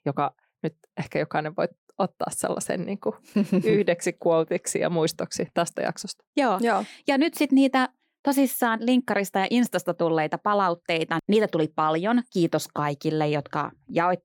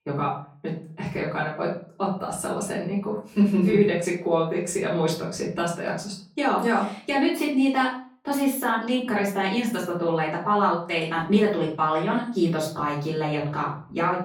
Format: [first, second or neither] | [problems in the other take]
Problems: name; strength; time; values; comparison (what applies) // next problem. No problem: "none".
first | off-mic speech; far // room echo; slight; dies away in 0.4 s